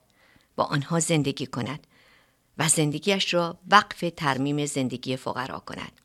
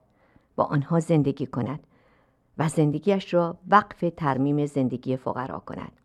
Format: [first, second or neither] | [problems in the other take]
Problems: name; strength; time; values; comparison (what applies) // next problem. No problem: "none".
first | muffled; very; fading above 2 kHz